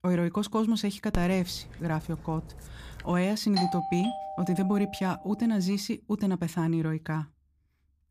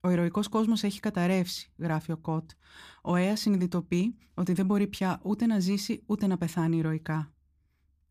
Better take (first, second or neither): second